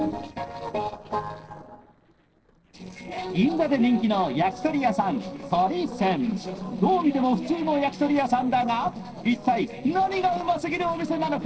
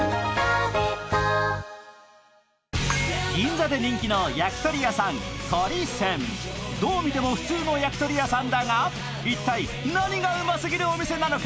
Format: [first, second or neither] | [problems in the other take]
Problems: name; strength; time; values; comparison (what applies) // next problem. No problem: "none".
second | noise reduction (neural separator model SepFormer DNS4)